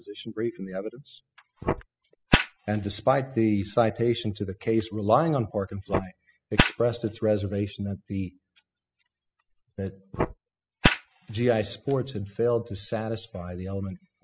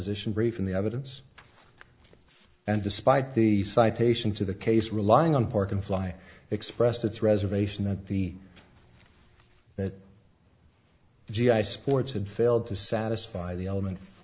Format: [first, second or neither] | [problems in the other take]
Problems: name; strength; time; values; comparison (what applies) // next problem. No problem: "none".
second | noise reduction (classical method spectral subtraction)